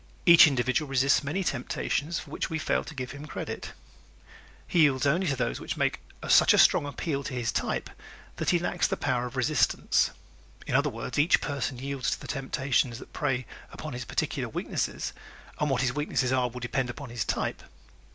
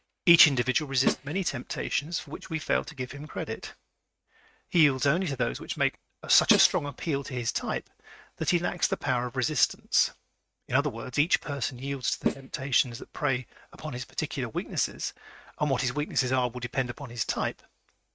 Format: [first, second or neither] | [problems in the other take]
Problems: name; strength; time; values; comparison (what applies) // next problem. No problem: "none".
first | noise reduction (neural mask model RNNoise)